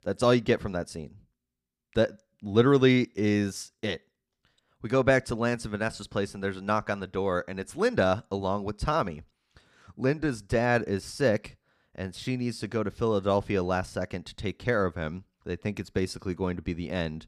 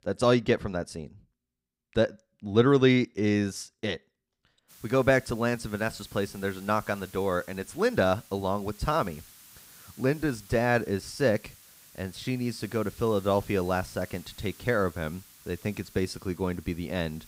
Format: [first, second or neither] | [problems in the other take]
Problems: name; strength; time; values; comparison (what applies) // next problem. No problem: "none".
first | hiss; faint; from 4.5 s on; 20 dB below the speech